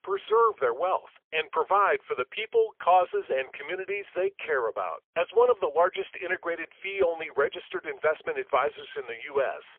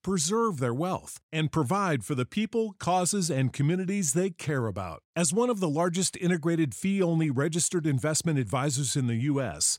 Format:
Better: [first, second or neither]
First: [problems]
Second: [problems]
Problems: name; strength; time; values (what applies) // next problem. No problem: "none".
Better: second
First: phone-call audio; poor line; nothing above 3.5 kHz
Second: none